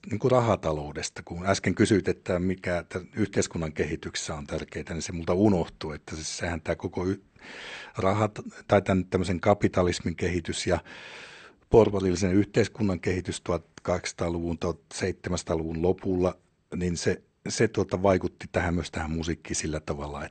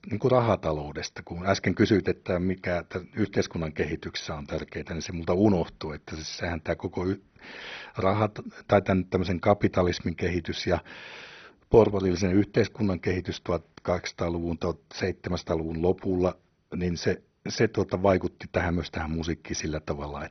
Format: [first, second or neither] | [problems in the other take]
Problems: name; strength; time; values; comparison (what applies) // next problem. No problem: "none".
first | garbled, watery; badly; nothing above 6 kHz; slightly in the first